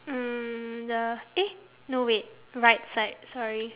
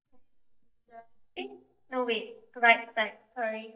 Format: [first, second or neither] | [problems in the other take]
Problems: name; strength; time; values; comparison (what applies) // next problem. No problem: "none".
first | noise reduction (neural mask model DeepFilterNet 3)